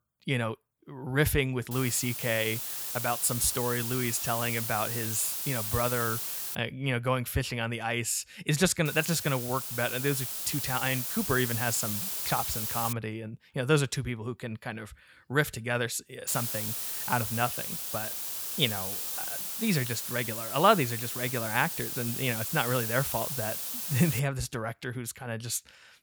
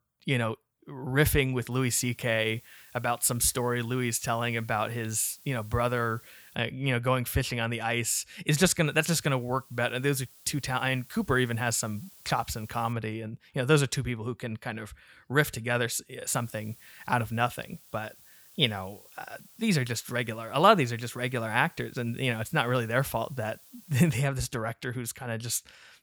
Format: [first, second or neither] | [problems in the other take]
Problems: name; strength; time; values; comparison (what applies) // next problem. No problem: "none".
second | hiss; loud; from 1.5 to 6.5 s, from 9 to 13 s and from 16 to 24 s; 1 dB below the speech; faint in the second